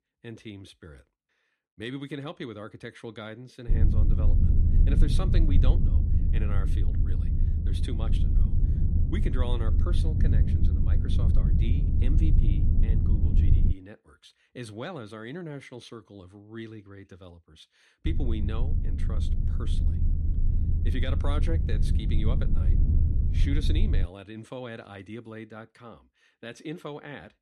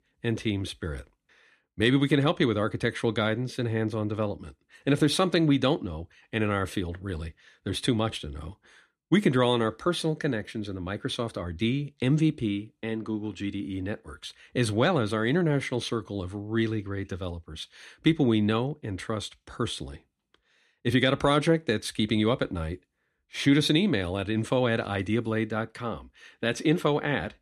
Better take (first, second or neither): second